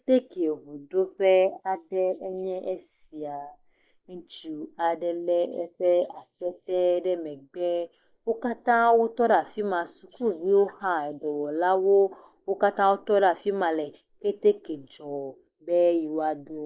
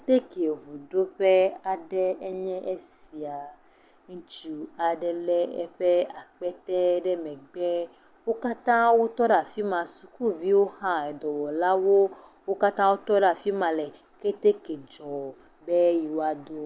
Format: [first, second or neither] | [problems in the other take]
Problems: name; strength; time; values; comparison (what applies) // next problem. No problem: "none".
second | noise reduction (neural mask model Resemble Enhance denoiser)